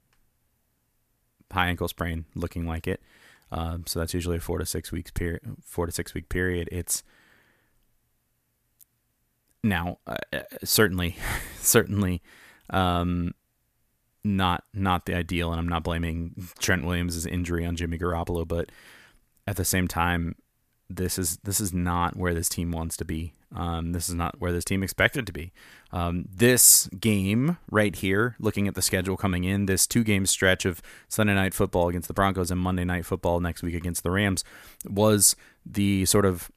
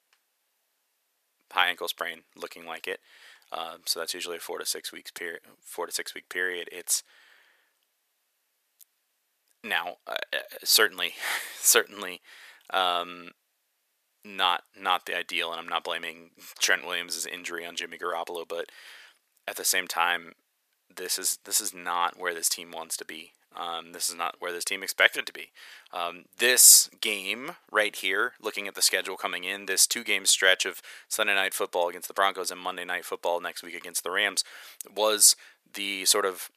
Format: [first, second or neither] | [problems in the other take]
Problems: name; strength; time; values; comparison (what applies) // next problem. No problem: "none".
first | thin; very; fading below 500 Hz